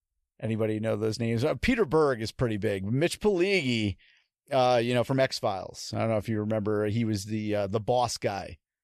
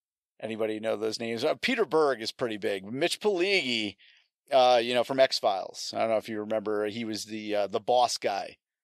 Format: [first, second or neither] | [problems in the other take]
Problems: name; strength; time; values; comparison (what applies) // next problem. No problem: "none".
first | thin; somewhat; fading below 300 Hz